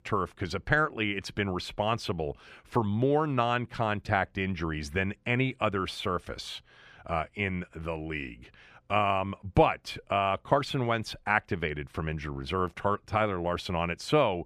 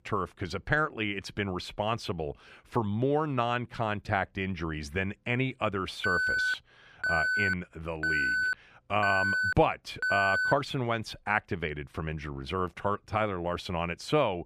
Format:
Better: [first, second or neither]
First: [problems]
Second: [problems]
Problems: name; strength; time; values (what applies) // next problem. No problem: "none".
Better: first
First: none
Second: alarm; loud; from 6 to 11 s; peak 5 dB above the speech